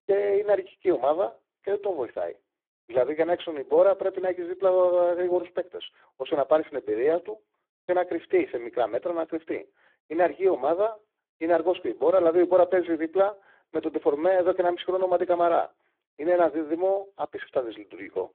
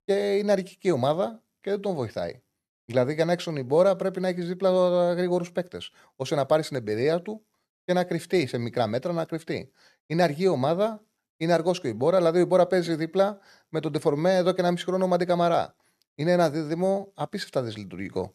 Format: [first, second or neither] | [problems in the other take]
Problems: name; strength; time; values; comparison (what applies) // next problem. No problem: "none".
second | phone-call audio; poor line